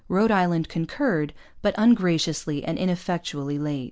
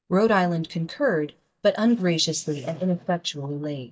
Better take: first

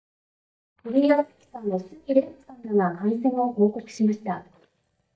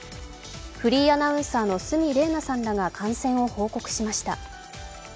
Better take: second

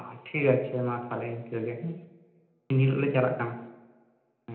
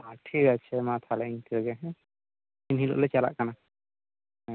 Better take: second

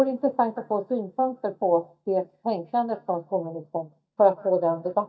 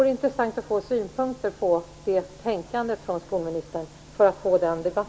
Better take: second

